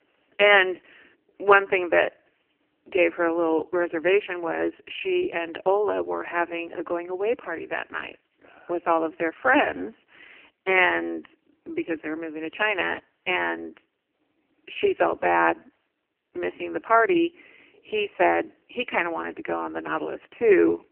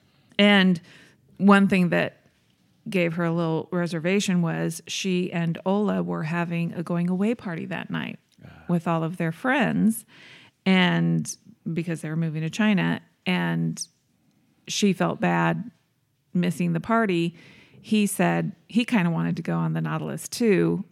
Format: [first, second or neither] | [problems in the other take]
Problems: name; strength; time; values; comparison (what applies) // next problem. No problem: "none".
second | phone-call audio; poor line; nothing above 3 kHz